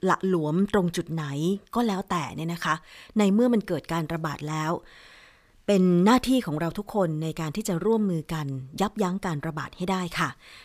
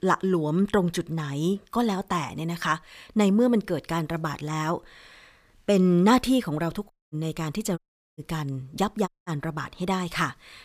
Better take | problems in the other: first | audio cutting out; at 7 s, at 8 s and at 9 s

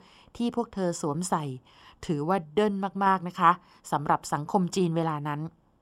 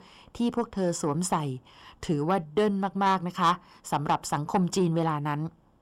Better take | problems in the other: first | distortion; slight; 10 dB below the speech

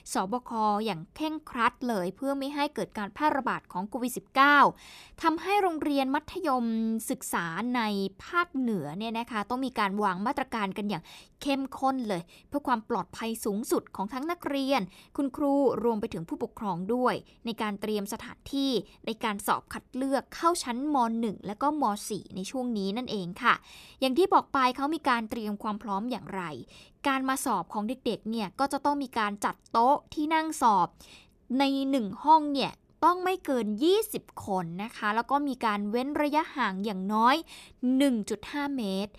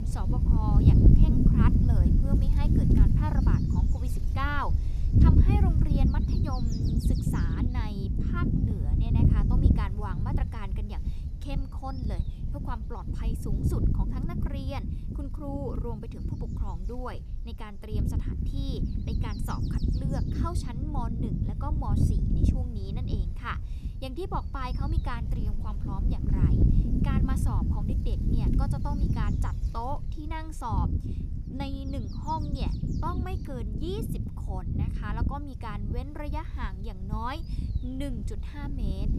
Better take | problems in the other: first | wind noise on the microphone; heavy; 1 dB below the speech

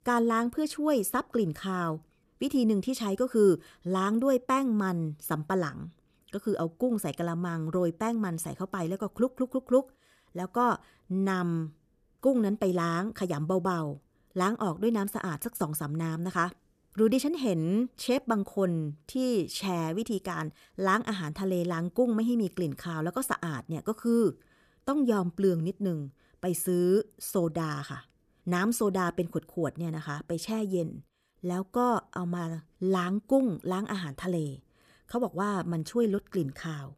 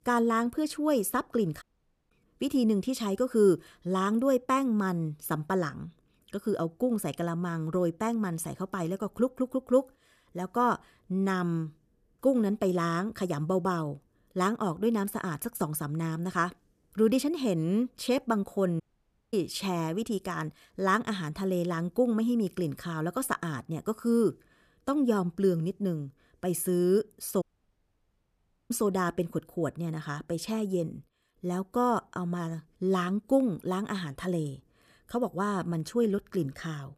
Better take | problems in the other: first | audio cutting out; at 1.5 s, at 19 s for 0.5 s and at 27 s for 1.5 s

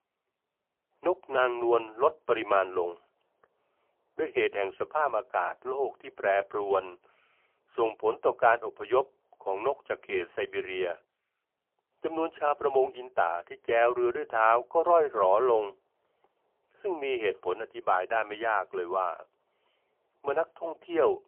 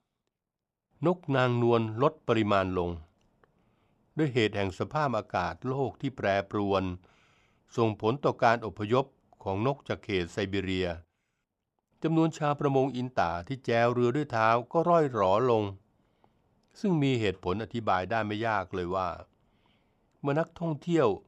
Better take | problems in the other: second | phone-call audio; poor line; nothing above 3 kHz

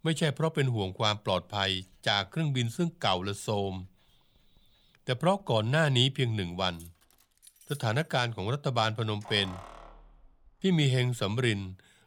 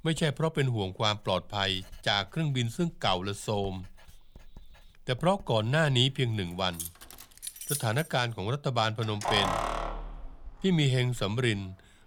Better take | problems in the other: first | household noises; loud; throughout; 7 dB below the speech; faint in the first

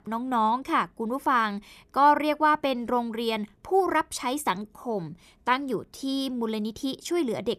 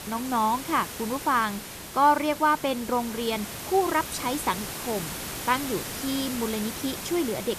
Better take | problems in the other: first | hiss; loud; throughout; 8 dB below the speech

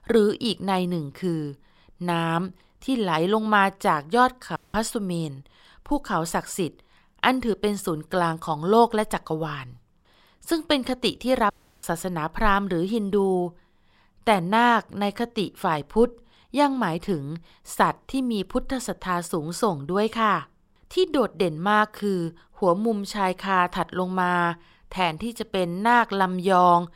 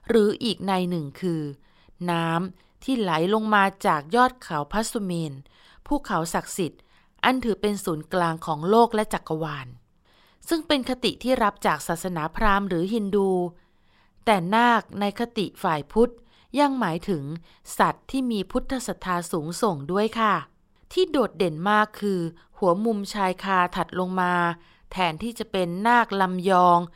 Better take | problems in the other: second | audio cutting out; at 4.5 s and at 12 s

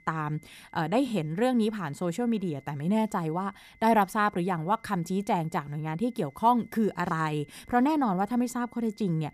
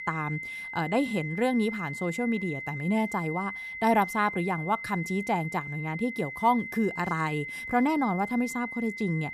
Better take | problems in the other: first | high-pitched whine; loud; throughout; 2 kHz, 7 dB below the speech; faint in the first

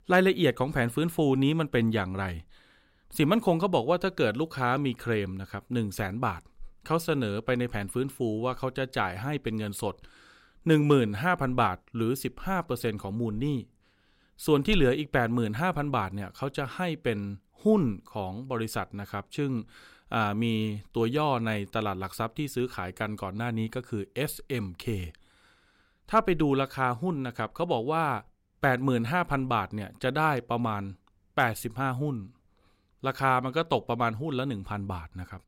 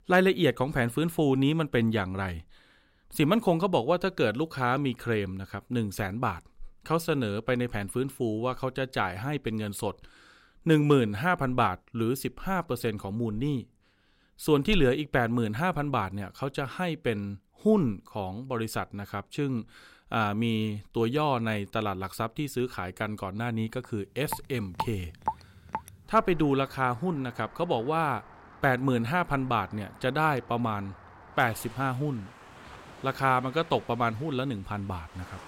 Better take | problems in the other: first | rain or running water; noticeable; from 24 s on; 15 dB below the speech

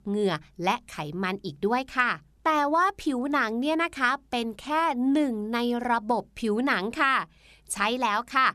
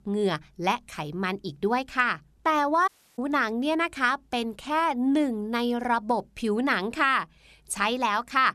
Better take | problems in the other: first | audio cutting out; at 3 s

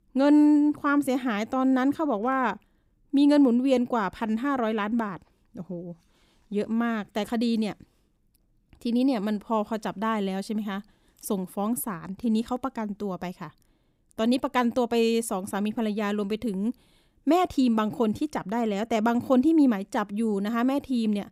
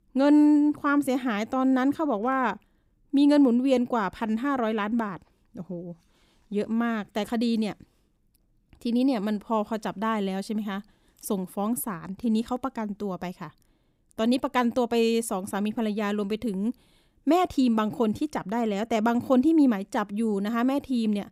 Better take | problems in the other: neither | none

